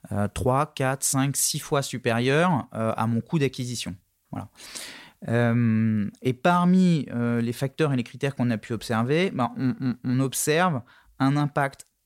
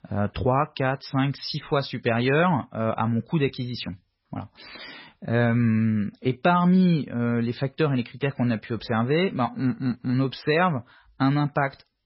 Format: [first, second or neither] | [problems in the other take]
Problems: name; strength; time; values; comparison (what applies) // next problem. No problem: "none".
first | garbled, watery; badly; nothing above 5.5 kHz